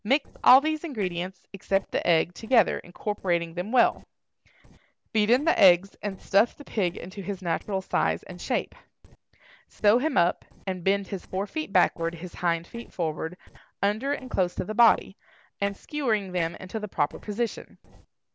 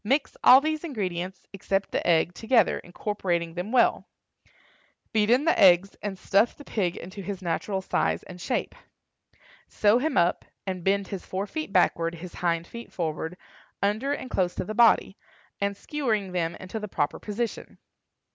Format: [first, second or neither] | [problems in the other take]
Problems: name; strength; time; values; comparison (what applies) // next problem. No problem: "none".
second | noise reduction (neural separator model SepFormer DNS4)